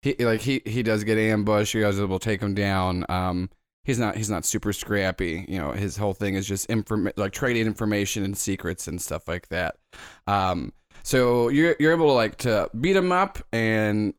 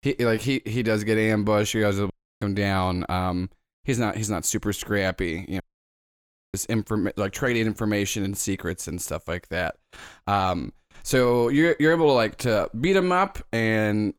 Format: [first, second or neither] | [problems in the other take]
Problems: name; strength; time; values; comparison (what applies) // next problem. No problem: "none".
first | audio cutting out; at 2 s and at 5.5 s for 1 s